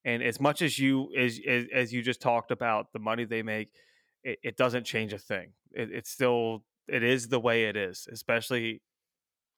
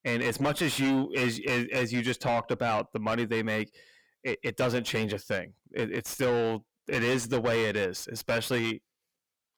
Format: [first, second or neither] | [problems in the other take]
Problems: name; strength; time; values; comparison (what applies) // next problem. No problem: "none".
first | distortion; heavy; 6 dB below the speech